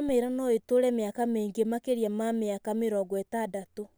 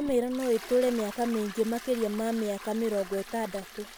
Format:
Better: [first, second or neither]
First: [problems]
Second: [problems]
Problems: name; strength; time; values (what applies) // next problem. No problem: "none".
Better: first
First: none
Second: background sound (Toilet flush); 15 dB below the speech